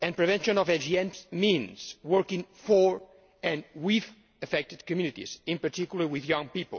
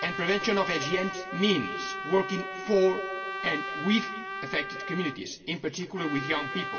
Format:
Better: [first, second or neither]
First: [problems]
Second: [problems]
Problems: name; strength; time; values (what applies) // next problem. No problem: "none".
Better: first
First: none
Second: background sound (Trumpet); 7 dB below the speech // room echo; dies away in 2 s